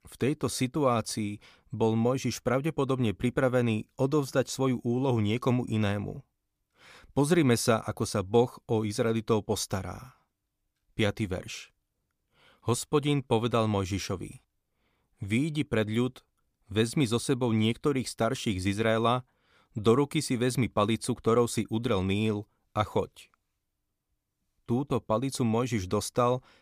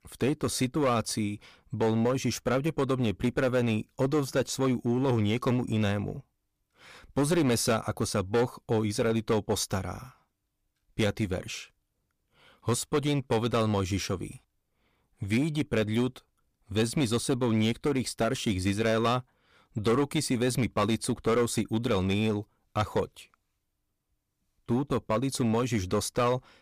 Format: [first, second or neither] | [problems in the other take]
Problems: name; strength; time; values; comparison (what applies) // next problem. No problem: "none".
first | distortion; slight; 7% of the sound clipped